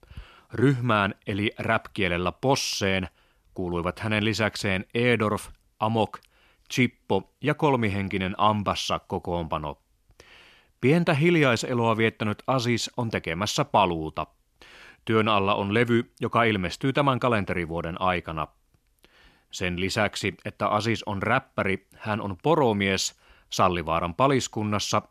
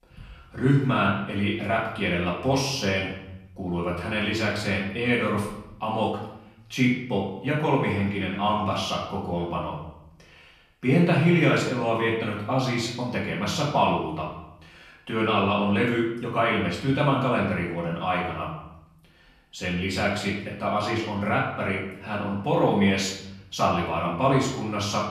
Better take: first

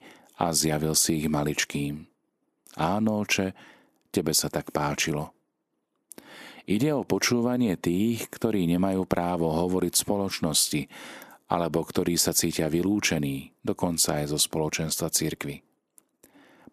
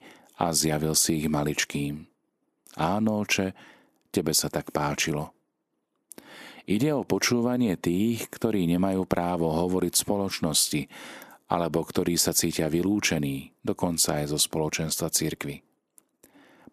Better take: neither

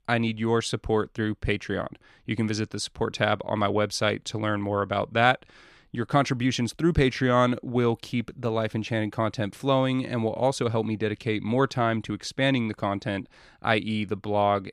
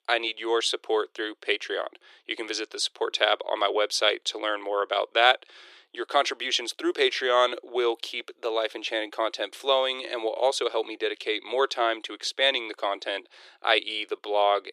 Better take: first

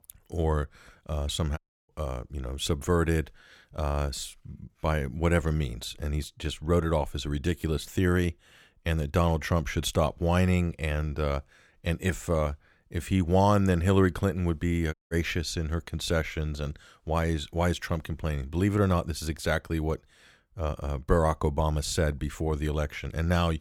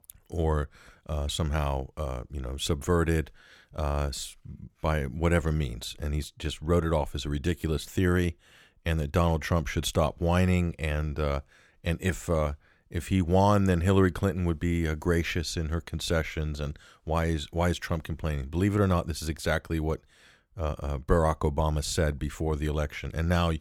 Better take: second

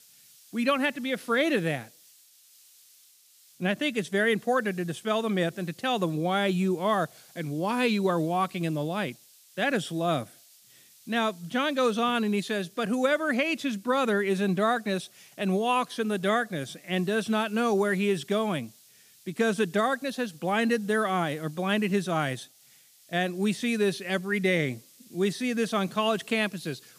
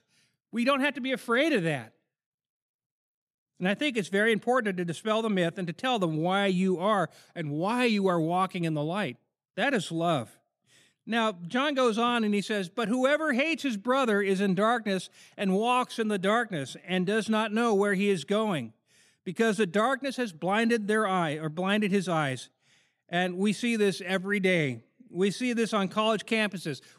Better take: second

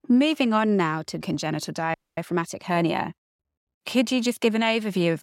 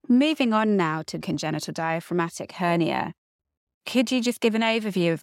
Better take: second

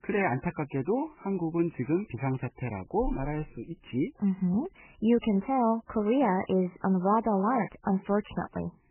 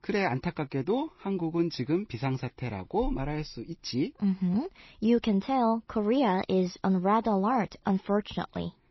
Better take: second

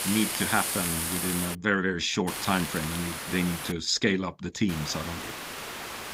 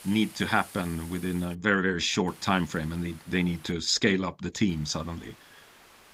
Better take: second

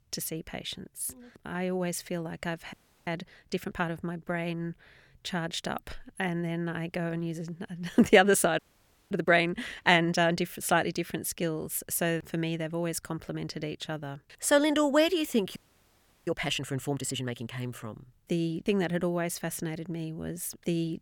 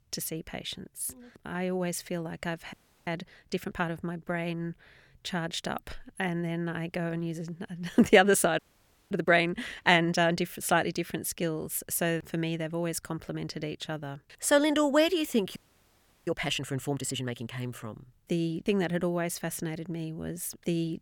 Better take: neither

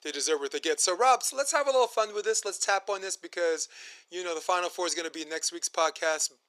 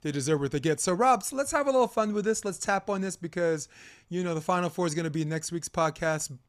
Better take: second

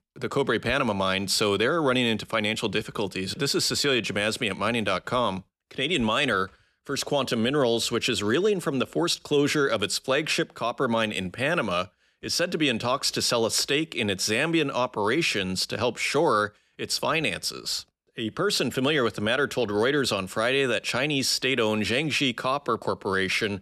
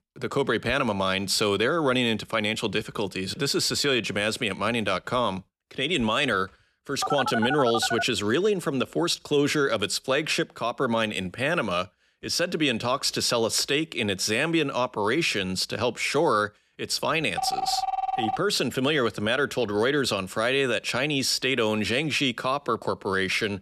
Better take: first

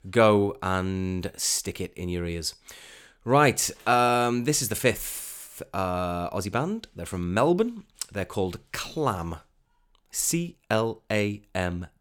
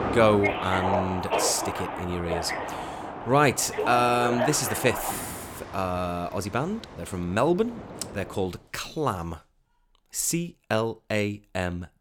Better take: first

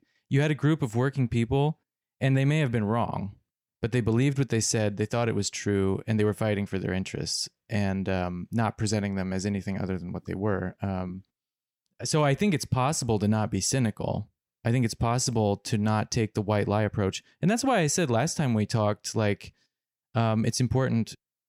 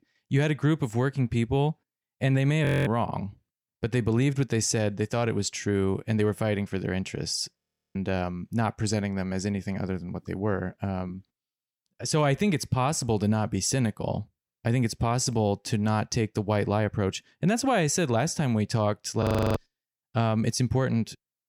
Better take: first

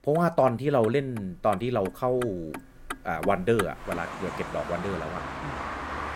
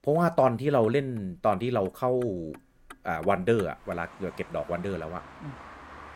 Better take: second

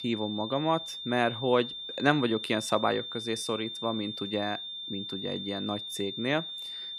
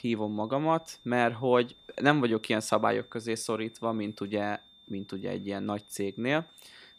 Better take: second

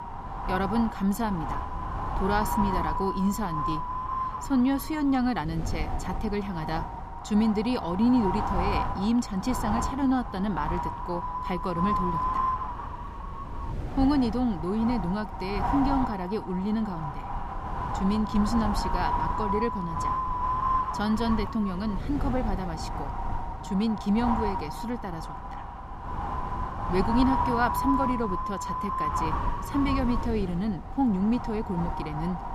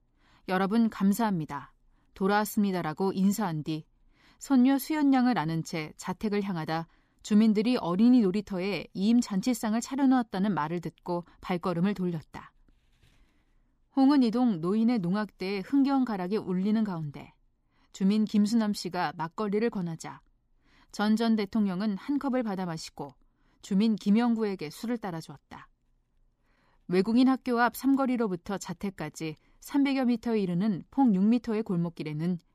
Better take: second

